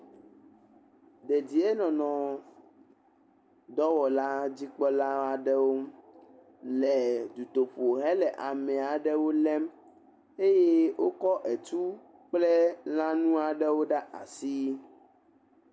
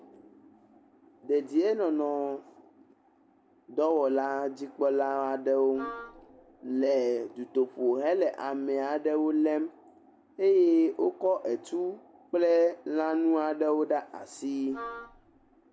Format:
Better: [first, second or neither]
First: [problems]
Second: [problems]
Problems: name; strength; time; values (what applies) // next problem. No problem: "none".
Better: first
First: none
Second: background sound (Wind instrument, woodwind instrument); 15 dB below the speech